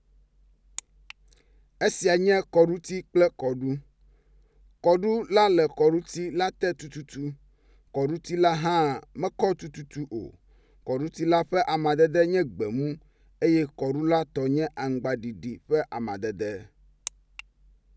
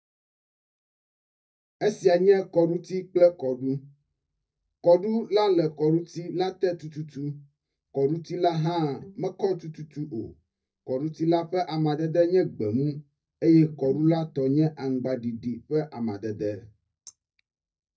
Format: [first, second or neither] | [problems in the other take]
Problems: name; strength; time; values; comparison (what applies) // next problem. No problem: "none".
first | noise reduction (neural mask model DeepFilterNet 3)